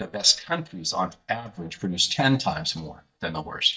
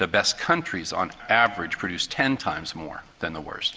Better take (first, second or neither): second